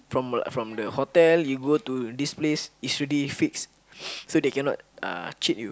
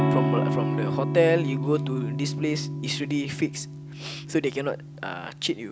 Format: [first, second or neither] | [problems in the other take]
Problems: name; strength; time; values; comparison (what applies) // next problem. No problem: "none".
first | background sound (Electric guitar / Strum); 1 dB below the speech